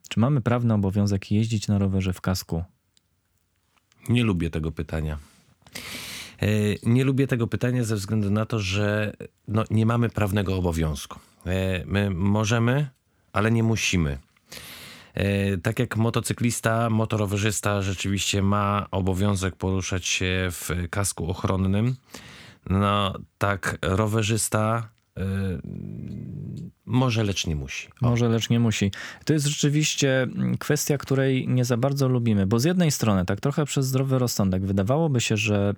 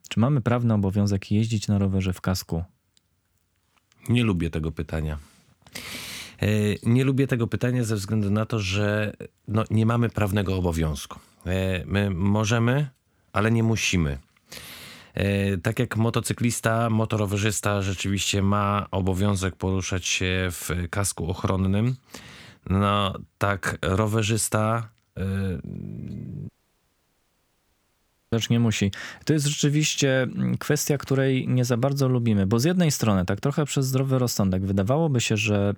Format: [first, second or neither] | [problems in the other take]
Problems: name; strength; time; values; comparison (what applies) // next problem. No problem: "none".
first | audio cutting out; at 26 s for 2 s